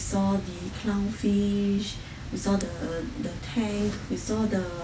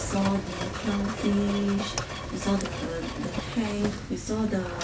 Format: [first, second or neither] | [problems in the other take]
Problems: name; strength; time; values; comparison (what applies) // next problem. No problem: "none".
first | background sound (Mechanisms); 7 dB below the speech